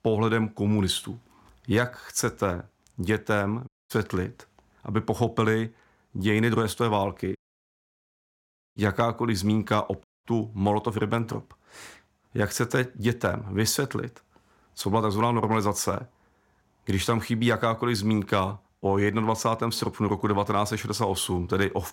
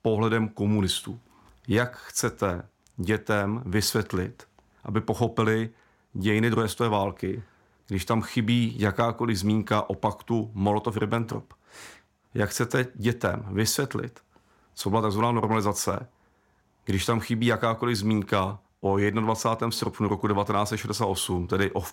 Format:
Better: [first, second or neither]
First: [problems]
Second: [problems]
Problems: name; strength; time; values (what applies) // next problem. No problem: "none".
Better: second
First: audio cutting out; at 3.5 s, at 7.5 s for 1.5 s and at 10 s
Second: none